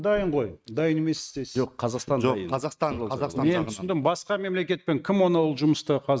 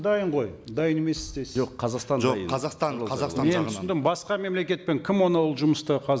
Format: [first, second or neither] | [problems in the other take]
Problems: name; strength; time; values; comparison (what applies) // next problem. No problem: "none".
second | noise reduction (neural mask model RNNoise)